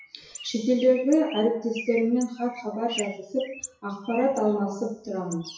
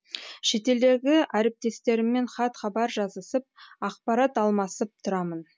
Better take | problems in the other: second | noise reduction (classical method WPE with log-MMSE)

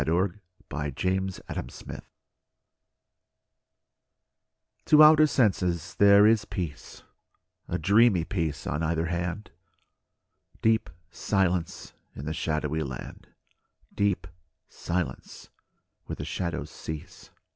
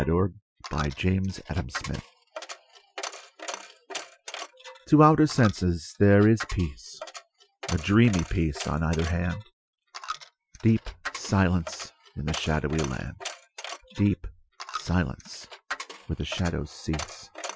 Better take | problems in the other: first | noise reduction (classical method Wiener filter)

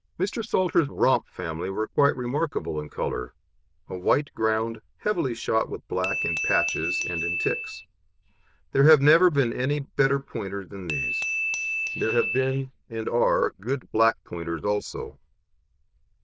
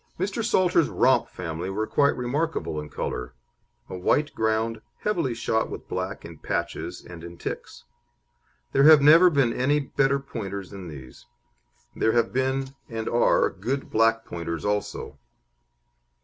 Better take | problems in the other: second | noise reduction (neural diffusion model UNIVERSE++)

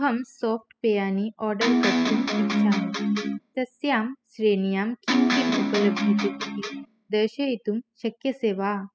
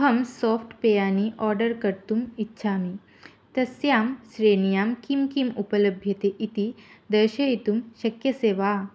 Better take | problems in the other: second | noise reduction (classical method spectral subtraction)

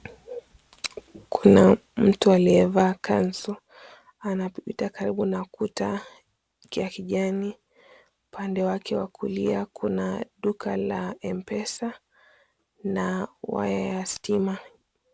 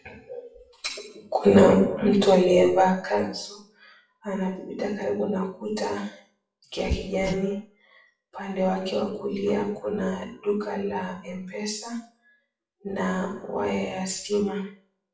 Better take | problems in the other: first | noise reduction (classical method WPE with log-MMSE)

